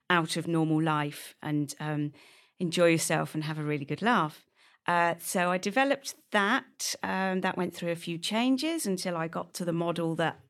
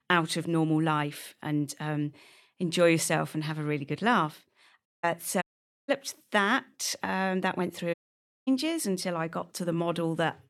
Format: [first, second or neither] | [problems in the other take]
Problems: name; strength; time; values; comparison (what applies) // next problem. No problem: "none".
first | audio cutting out; at 5 s, at 5.5 s and at 8 s for 0.5 s